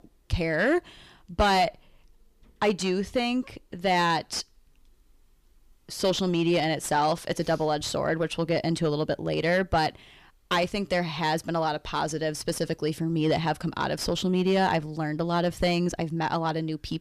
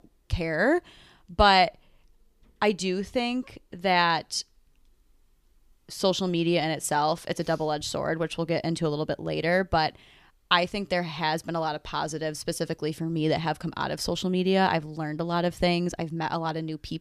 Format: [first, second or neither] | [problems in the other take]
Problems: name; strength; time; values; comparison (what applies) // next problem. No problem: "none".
second | distortion; slight; 10 dB below the speech